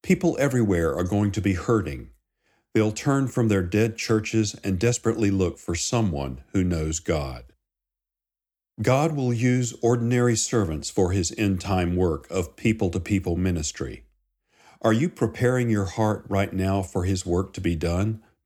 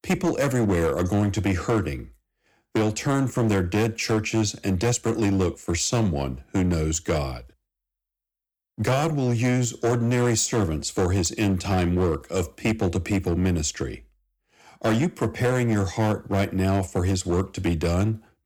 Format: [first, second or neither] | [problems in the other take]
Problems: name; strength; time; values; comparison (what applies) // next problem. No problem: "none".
first | distortion; slight; 10% of the sound clipped